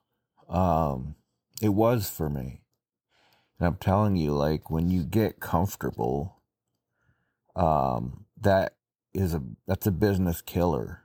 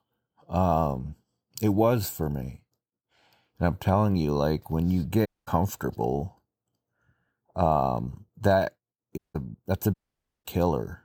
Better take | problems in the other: first | audio cutting out; at 5.5 s, at 9 s and at 10 s for 0.5 s

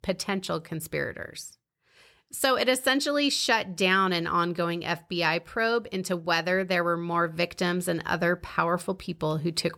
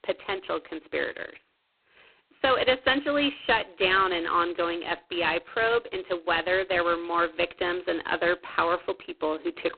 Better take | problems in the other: first | phone-call audio; poor line; nothing above 4 kHz

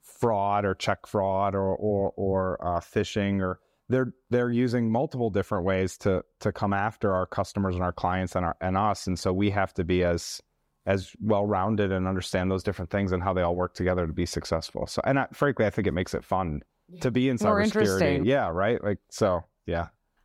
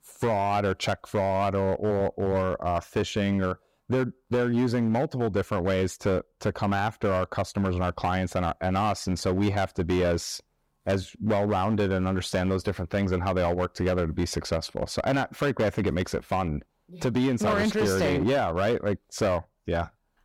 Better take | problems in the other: first | distortion; slight; 10% of the sound clipped

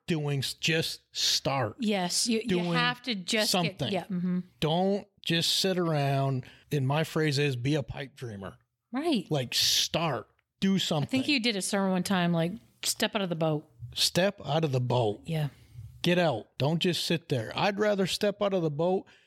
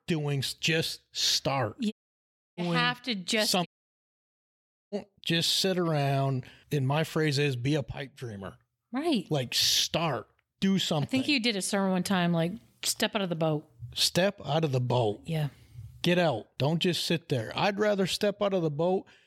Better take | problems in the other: first | audio cutting out; at 2 s for 0.5 s and at 3.5 s for 1.5 s

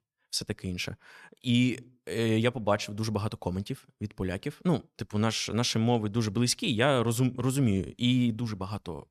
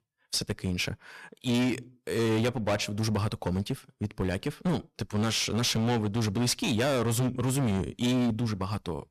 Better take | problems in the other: first | distortion; heavy; 17% of the sound clipped

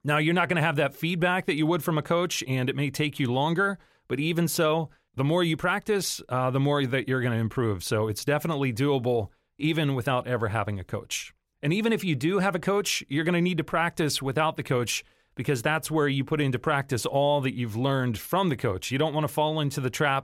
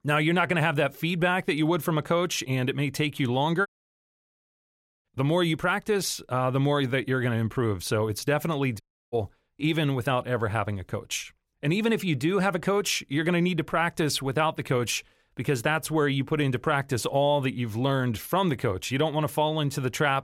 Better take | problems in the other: first | audio cutting out; at 3.5 s for 1.5 s and at 9 s

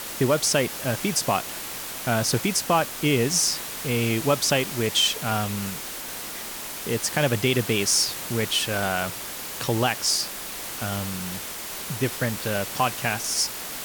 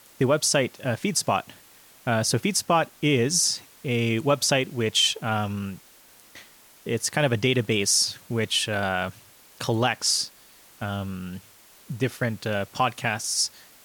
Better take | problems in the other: second | hiss; loud; throughout; 7 dB below the speech; faint in the second

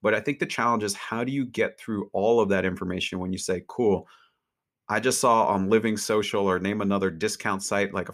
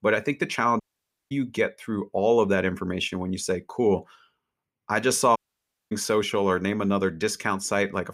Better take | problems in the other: first | audio cutting out; at 1 s for 0.5 s and at 5.5 s for 0.5 s

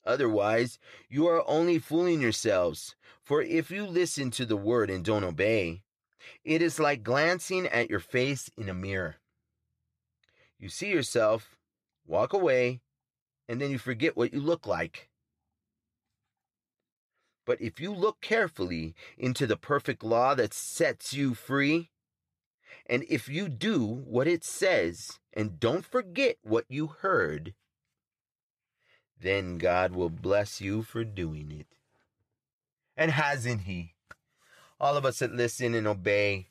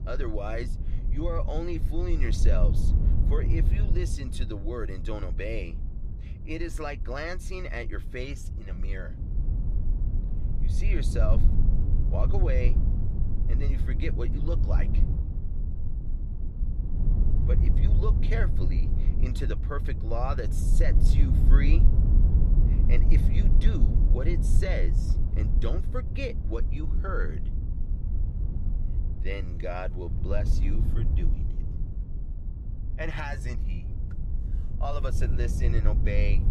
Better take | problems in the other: first | low rumble; loud; throughout; 7 dB below the speech

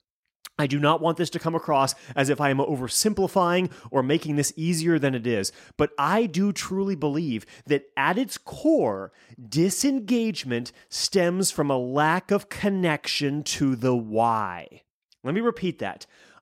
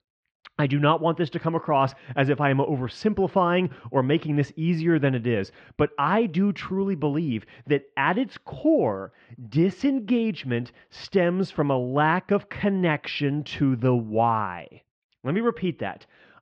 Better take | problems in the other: first | muffled; very; fading above 3.5 kHz

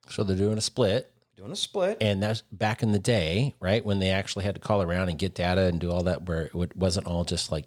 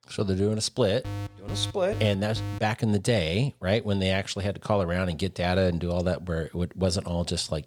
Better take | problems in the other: first | alarm; noticeable; from 1 to 2.5 s; peak 8 dB below the speech

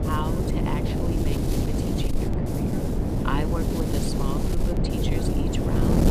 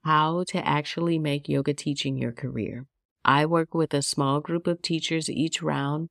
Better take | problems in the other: second | wind noise on the microphone; heavy; 3 dB above the speech

